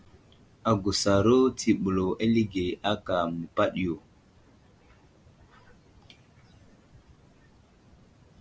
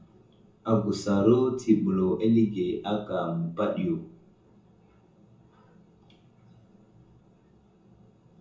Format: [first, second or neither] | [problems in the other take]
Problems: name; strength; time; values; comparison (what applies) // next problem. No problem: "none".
first | room echo; dies away in 0.6 s